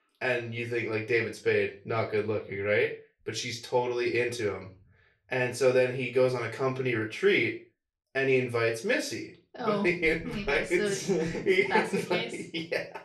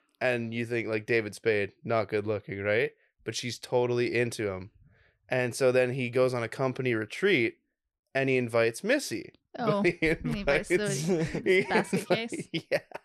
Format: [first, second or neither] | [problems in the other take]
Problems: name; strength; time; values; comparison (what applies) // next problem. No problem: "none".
second | room echo; slight; dies away in 0.3 s // off-mic speech; far